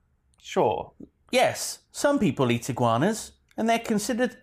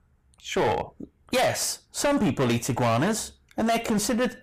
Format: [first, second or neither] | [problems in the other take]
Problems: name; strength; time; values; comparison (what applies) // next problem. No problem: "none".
first | distortion; heavy; 16% of the sound clipped